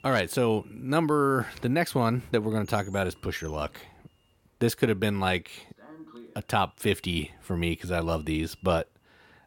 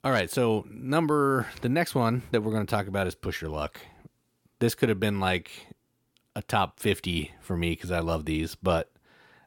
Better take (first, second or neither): second